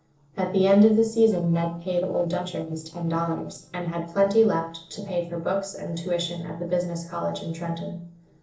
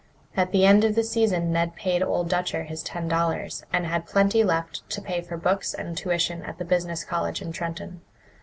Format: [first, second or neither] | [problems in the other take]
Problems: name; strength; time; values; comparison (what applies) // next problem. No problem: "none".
second | noise reduction (neural separator model SepFormer DNS4)